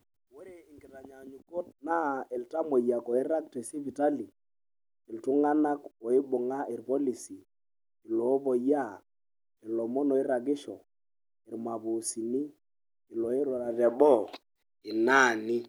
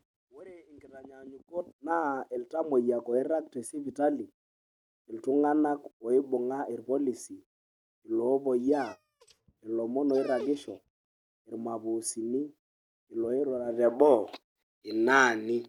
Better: first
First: none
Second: noise reduction (neural mask model RNNoise)

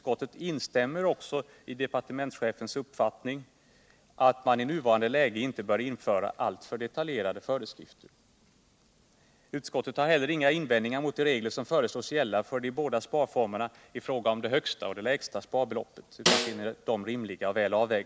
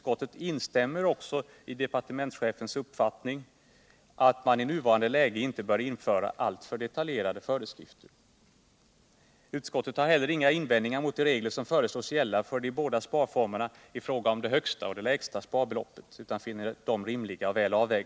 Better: second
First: background sound (Snare drum); as loud as the speech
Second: none

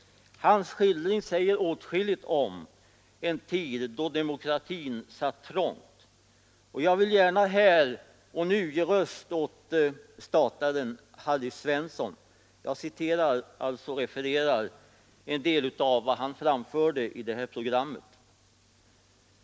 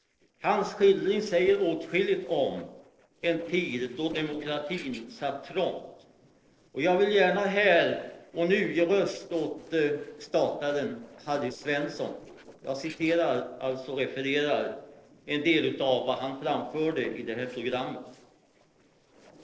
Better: first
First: none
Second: noise reduction (neural separator model SepFormer DNS4)

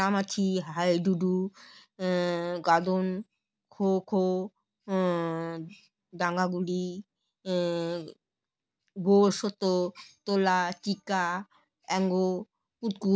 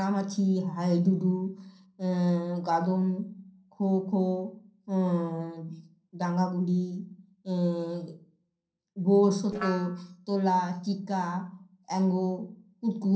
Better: first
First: none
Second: noise reduction (neural separator model SepFormer DNS4)

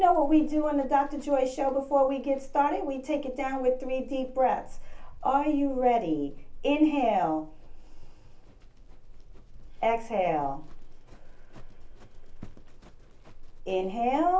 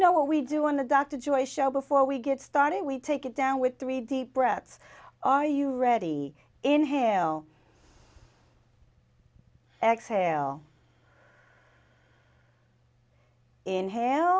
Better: second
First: background sound (Livestock, farm animals, working animals); 11 dB below the speech // room echo; dies away in 0.3 s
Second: none

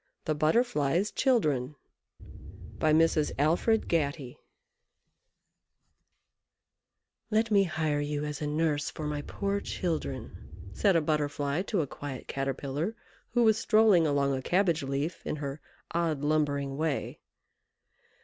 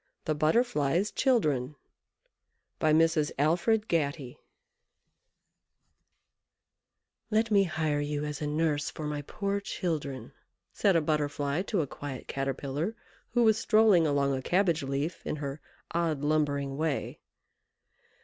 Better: second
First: background sound (Wind); 10 dB below the speech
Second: none

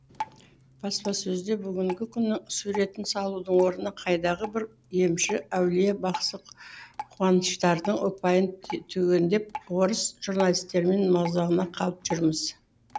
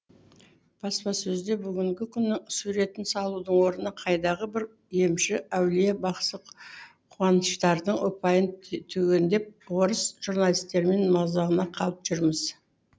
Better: second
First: background sound (Drip); 17 dB below the speech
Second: none

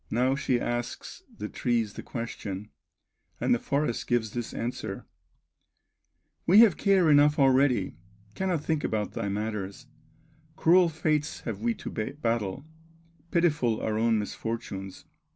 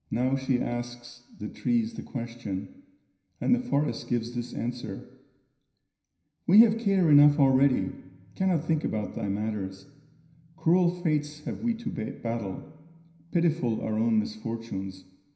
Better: first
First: none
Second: room echo; dies away in 0.9 s

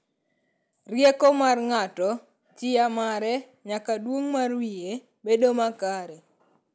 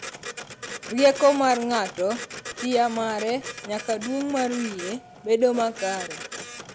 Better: first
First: none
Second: background sound (Printer); 12 dB below the speech

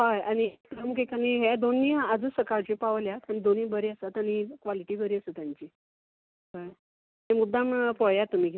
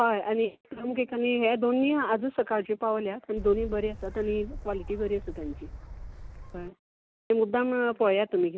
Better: first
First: none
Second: background sound (Gull, seagull / Wind); 12 dB below the speech

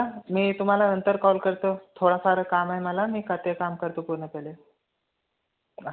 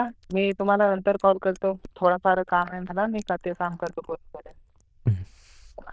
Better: first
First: none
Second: noise reduction (neural diffusion model UNIVERSE++)

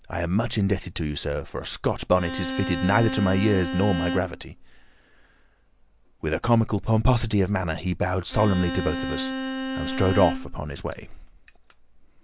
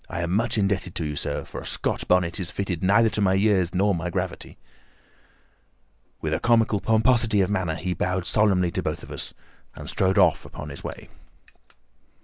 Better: second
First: background sound (Bowed string instrument); 6 dB below the speech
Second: none

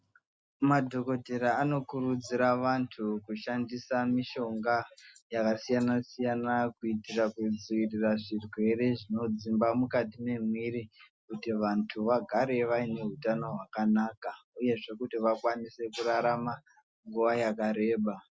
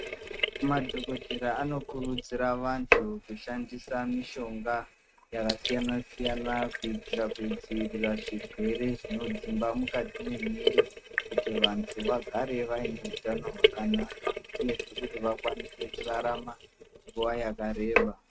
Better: first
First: none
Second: noise reduction (neural mask model RNNoise)

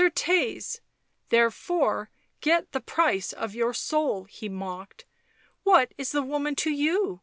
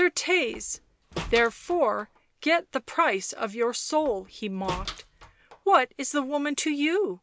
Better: first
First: none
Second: background sound (Slam); 16 dB below the speech

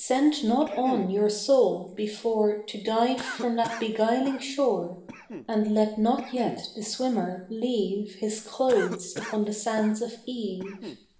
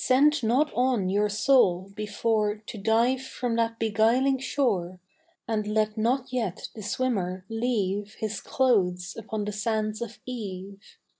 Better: second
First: background sound (Cough); 16 dB below the speech // room echo; dies away in 0.7 s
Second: none

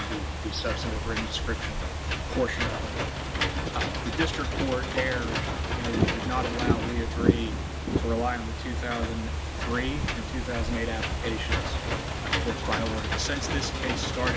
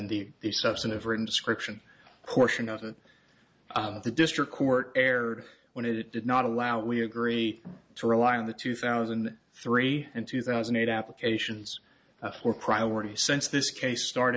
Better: second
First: background sound (Engine / Mechanisms + Fireworks / Ocean); 4 dB above the speech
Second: none

